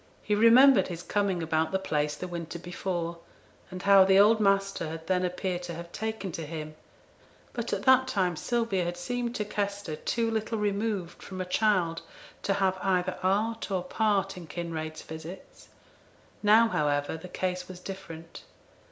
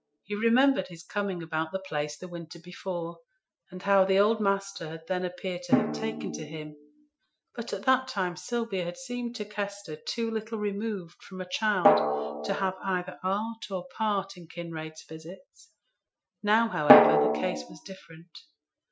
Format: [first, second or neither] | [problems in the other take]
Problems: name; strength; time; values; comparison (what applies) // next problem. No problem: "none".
first | noise reduction (classical method Wiener filter)